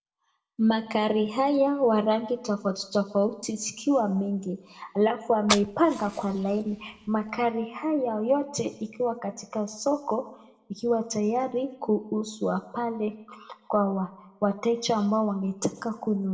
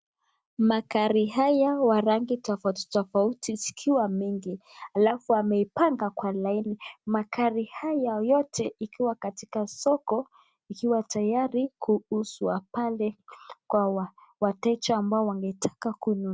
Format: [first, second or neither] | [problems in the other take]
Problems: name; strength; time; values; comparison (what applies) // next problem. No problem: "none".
second | background sound (Fire); 8 dB below the speech // room echo; dies away in 0.8 s